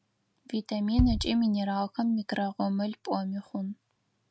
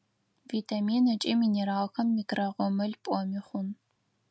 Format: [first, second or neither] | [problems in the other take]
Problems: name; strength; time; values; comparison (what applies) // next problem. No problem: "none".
second | background sound (Bass drum); 5 dB below the speech